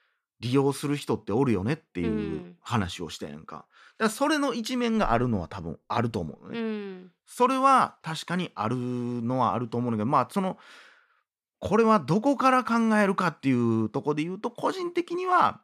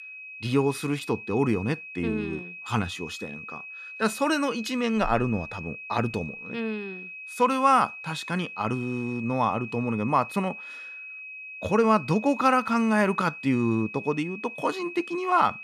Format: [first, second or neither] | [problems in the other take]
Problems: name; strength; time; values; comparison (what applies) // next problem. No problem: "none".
first | high-pitched whine; noticeable; throughout; 2.5 kHz, 10 dB below the speech